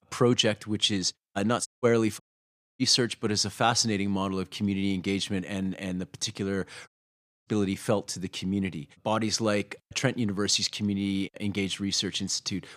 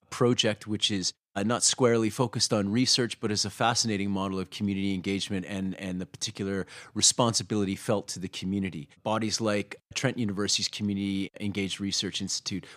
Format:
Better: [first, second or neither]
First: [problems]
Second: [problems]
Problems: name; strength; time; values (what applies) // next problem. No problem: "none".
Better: second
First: audio cutting out; at 1.5 s, at 2 s for 0.5 s and at 7 s for 0.5 s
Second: none